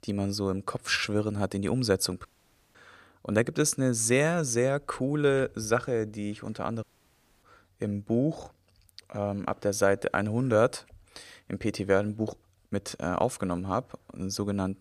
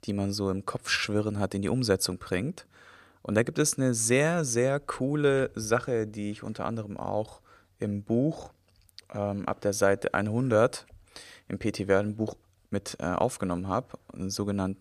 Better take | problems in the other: second | audio cutting out; at 2.5 s for 0.5 s and at 7 s for 0.5 s

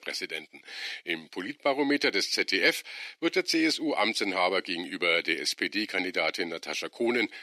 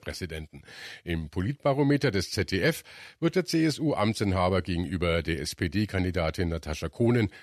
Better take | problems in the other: second | thin; somewhat; fading below 300 Hz

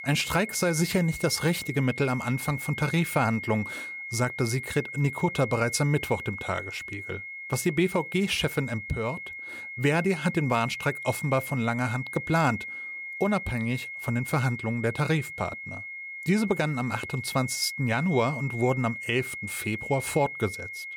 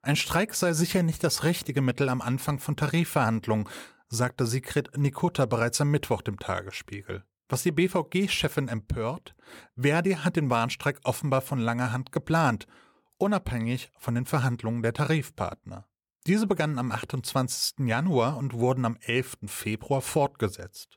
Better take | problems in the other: second | high-pitched whine; loud; throughout; 2 kHz, 8 dB below the speech

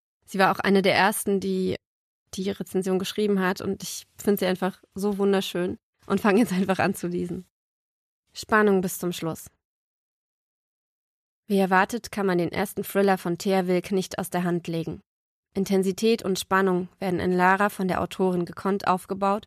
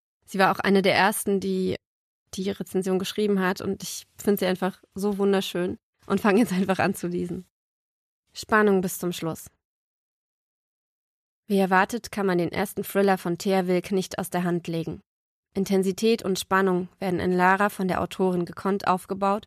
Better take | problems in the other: neither | none

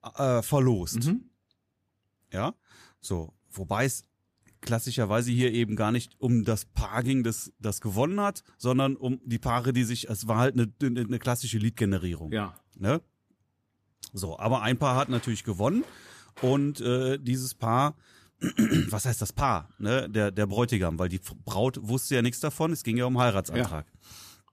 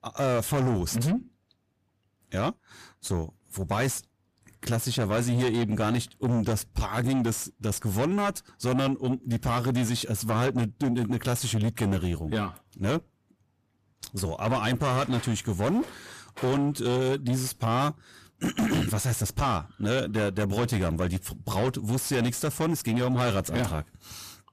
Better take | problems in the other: first | distortion; heavy; 8 dB below the speech

